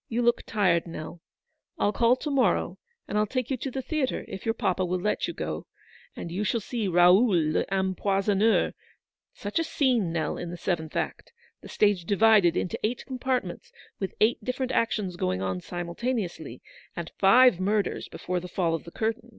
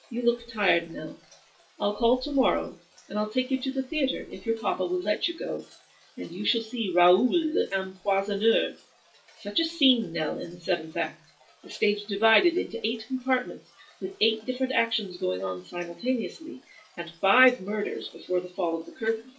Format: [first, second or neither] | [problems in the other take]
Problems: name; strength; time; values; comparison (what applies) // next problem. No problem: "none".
first | noise reduction (classical method WPE with log-MMSE)